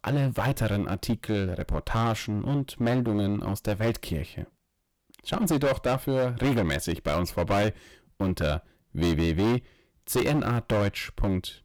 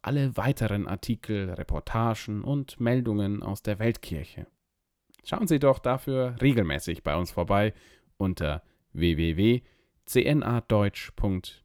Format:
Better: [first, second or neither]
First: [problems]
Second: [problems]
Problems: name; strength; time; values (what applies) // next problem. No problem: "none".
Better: second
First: distortion; heavy; 13% of the sound clipped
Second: none